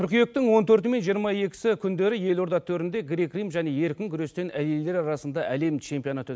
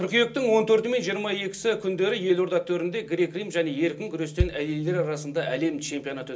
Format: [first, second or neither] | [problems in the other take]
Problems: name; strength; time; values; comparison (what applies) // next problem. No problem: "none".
first | background sound (Bass drum); 8 dB below the speech // room echo; dies away in 0.2 s